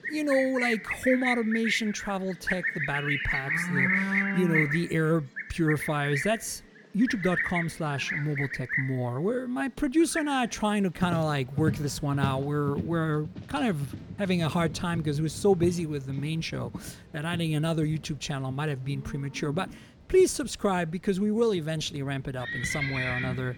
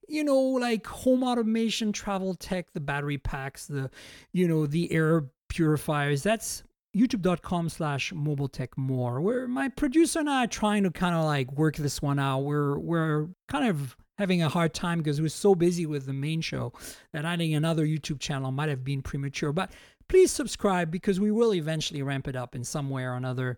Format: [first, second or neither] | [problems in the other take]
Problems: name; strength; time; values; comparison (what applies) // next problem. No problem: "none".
second | animal sounds; loud; throughout; 3 dB below the speech